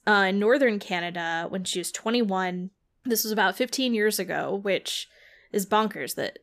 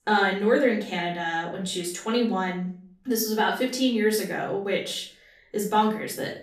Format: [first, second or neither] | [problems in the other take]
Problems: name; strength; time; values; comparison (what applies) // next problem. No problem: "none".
first | off-mic speech; far // room echo; slight; dies away in 0.4 s